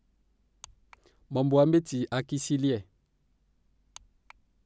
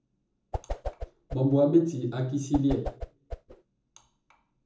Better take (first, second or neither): first